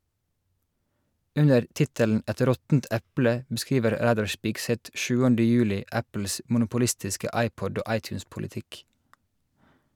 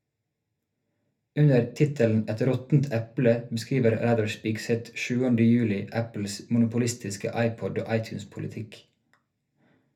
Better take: first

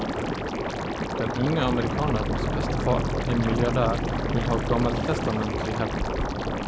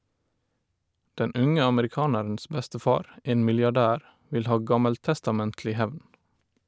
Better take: second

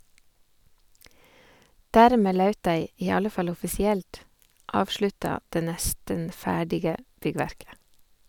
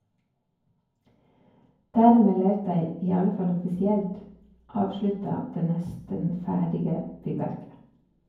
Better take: first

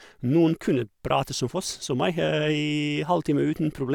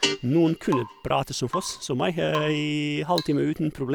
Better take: first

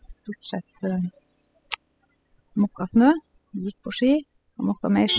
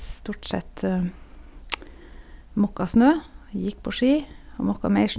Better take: second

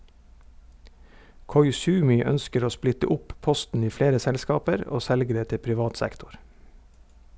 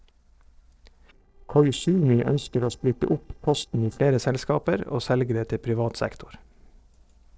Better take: first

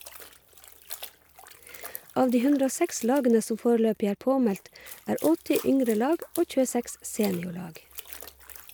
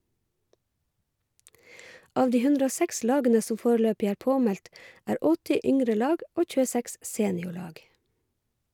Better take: second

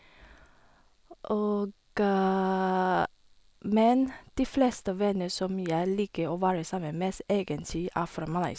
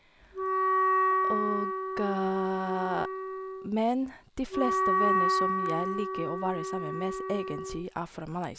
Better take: first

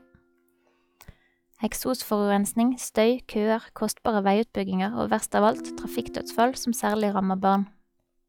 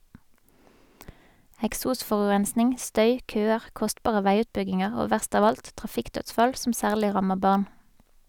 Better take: second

